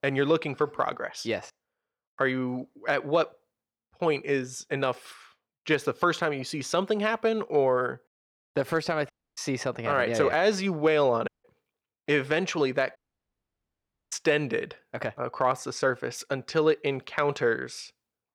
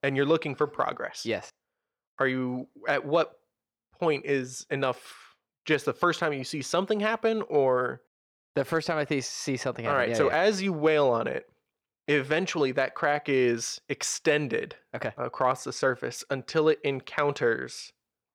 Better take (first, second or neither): second